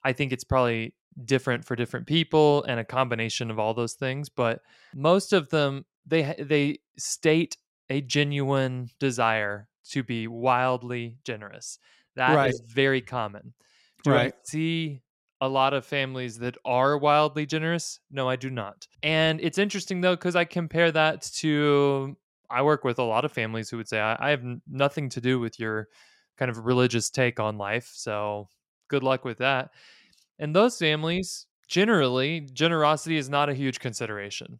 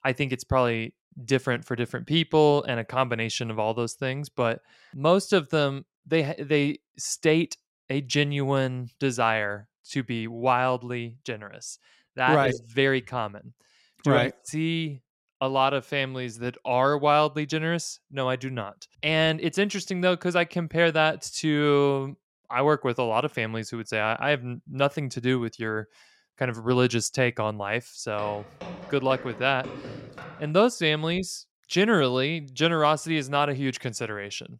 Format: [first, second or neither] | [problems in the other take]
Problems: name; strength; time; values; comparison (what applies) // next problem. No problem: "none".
first | footsteps; faint; from 28 to 31 s; peak 15 dB below the speech